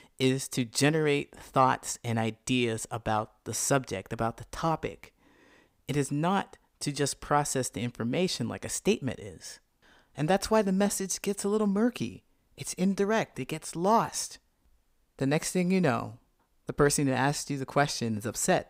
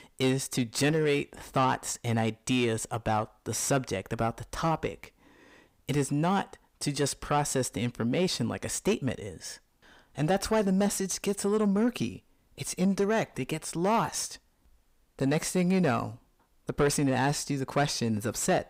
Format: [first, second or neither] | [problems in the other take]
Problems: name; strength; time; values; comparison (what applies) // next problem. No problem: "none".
first | distortion; slight; 10 dB below the speech